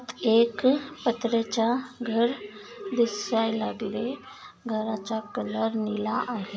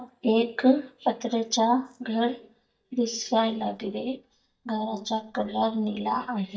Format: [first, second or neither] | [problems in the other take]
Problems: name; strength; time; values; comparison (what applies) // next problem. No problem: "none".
first | noise reduction (neural mask model DeepFilterNet 3)